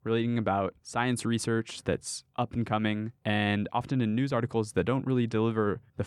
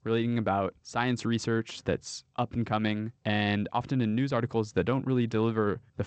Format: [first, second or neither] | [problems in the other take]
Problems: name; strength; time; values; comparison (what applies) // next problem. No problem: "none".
first | garbled, watery; slightly; nothing above 8 kHz